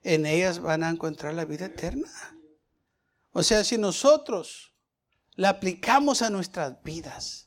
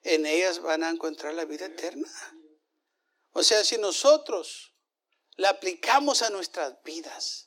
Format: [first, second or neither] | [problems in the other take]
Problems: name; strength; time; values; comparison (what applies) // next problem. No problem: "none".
first | thin; somewhat; fading below 300 Hz